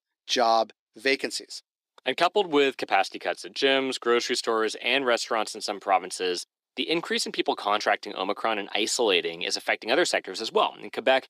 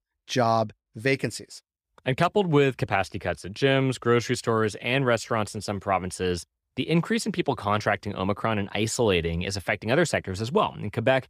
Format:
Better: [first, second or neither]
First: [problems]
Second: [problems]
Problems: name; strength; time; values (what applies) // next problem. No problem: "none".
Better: second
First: thin; somewhat; fading below 300 Hz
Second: none